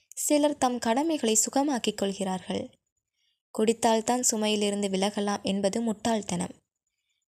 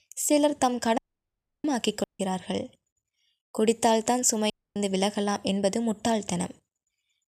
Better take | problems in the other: first | audio cutting out; at 1 s for 0.5 s, at 2 s and at 4.5 s

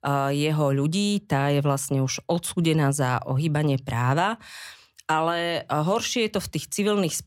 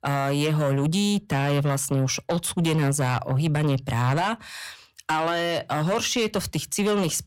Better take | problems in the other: first | distortion; slight; 10 dB below the speech

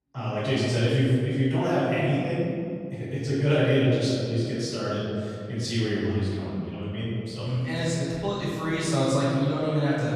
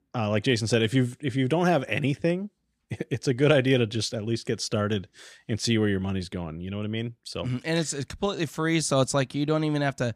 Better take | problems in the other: second | off-mic speech; far // room echo; strong; dies away in 2 s

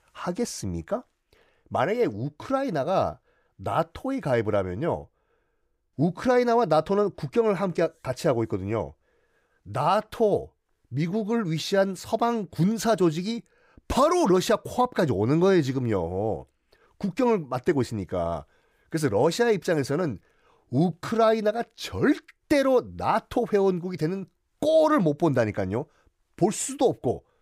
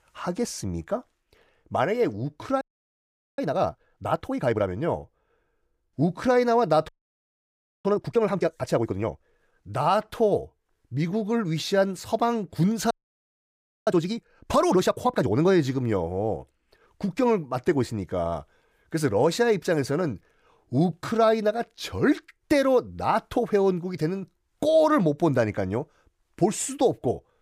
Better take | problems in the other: first | audio freezing; at 2.5 s for 1 s, at 7 s for 1 s and at 13 s for 1 s

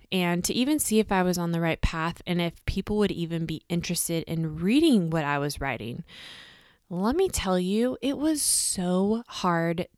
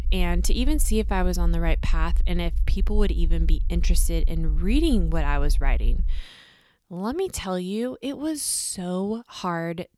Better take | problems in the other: first | low rumble; faint; until 6 s; 20 dB below the speech

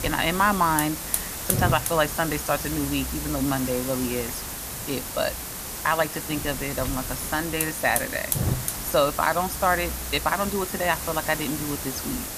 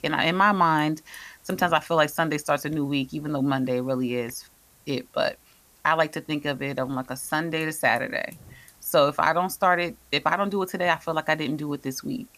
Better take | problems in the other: second | hiss; loud; throughout; 3 dB below the speech; faint in the second

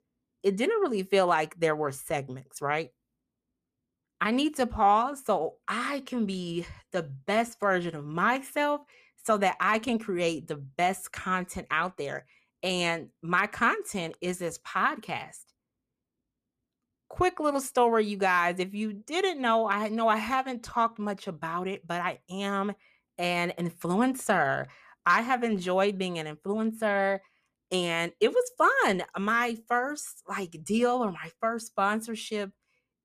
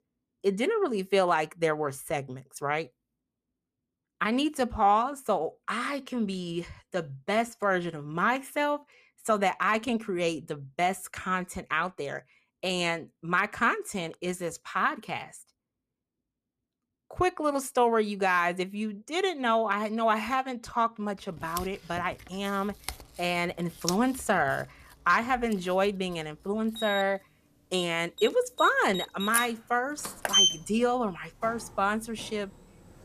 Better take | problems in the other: first | household noises; loud; from 21 s on; 1 dB below the speech

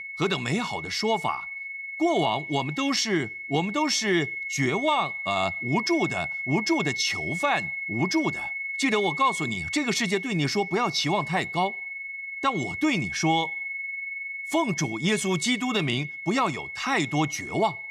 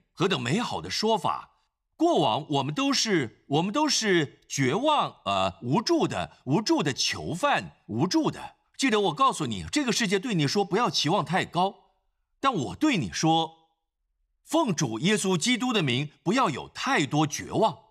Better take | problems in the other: second | high-pitched whine; loud; throughout; 2 kHz, 5 dB below the speech

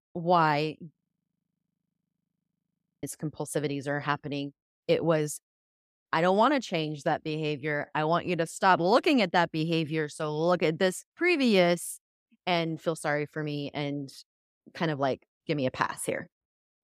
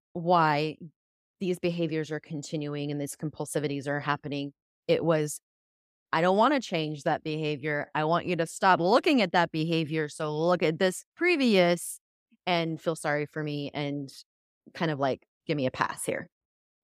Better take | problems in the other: second | audio freezing; at 1 s for 2 s

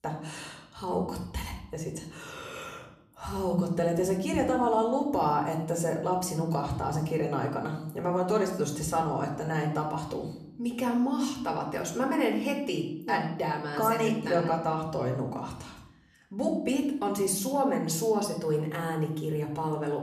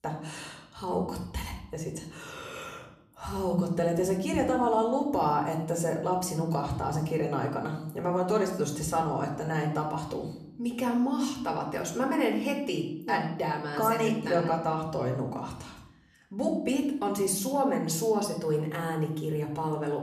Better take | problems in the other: neither | room echo; slight; dies away in 0.7 s; the same in both // off-mic speech; somewhat distant; the same in both

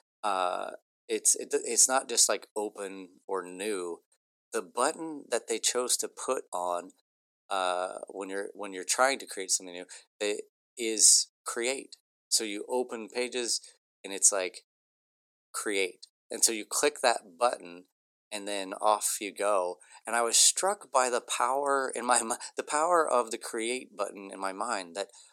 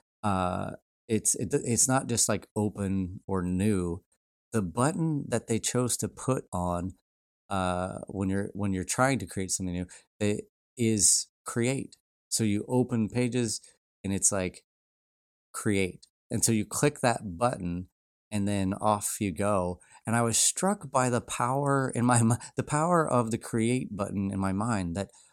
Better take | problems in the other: second | thin; very; fading below 400 Hz

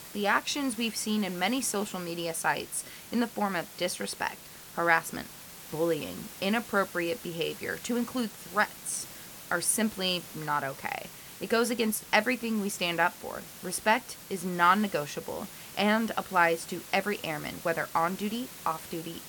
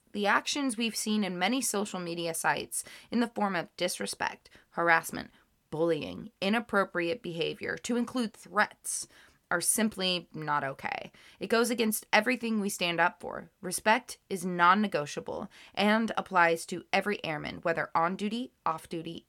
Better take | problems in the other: second | hiss; noticeable; throughout; 15 dB below the speech

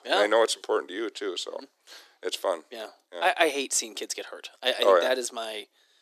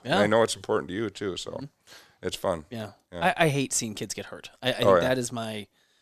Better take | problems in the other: second | thin; somewhat; fading below 300 Hz

